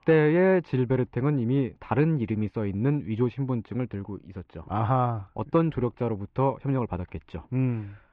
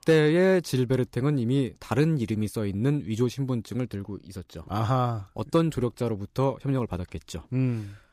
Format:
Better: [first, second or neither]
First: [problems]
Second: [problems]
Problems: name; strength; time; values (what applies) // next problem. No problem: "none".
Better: second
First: muffled; very; fading above 2.5 kHz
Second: none